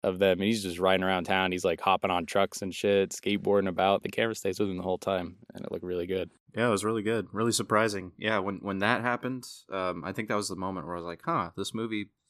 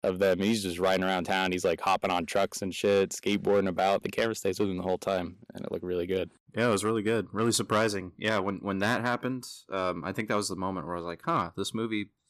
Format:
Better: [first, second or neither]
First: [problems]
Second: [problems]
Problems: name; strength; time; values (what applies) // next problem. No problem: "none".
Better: first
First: none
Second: distortion; slight; 3% of the sound clipped